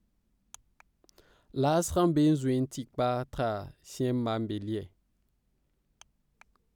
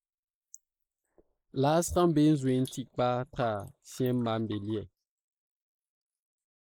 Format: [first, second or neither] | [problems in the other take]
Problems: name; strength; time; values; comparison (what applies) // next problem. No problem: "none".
first | noise reduction (neural mask model Resemble Enhance denoiser)